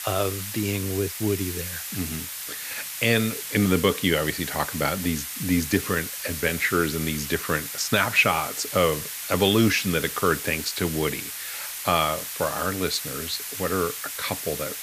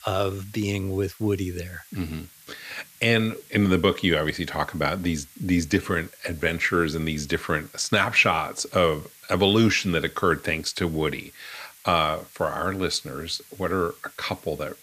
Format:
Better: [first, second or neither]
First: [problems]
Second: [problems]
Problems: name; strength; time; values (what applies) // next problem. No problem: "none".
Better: second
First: hiss; loud; throughout; 6 dB below the speech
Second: hiss; faint; throughout; 25 dB below the speech